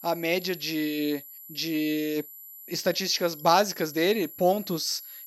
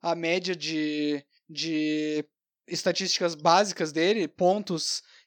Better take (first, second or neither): second